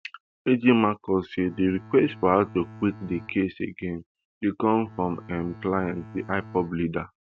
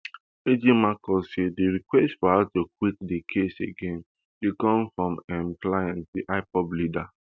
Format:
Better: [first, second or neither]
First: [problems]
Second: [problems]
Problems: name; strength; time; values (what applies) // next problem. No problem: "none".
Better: second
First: background sound (Bowed string instrument); 19 dB below the speech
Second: none